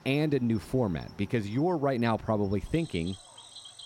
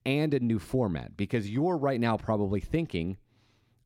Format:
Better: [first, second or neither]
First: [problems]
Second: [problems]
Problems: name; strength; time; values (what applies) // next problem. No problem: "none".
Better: second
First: animal sounds; faint; throughout; 20 dB below the speech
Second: none